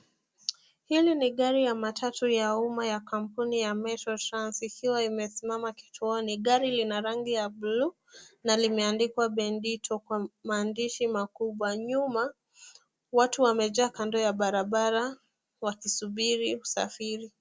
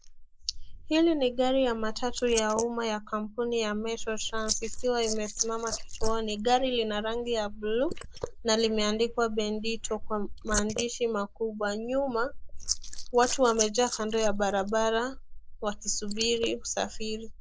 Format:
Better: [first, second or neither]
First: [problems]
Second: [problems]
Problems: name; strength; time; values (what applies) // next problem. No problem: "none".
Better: first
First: none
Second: noise reduction (neural mask model Resemble Enhance denoiser)